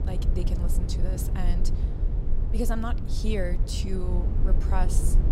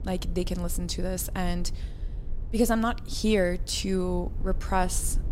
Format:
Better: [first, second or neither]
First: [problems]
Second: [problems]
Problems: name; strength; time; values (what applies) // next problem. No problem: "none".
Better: second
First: low rumble; loud; throughout; 6 dB below the speech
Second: low rumble; faint; throughout; 20 dB below the speech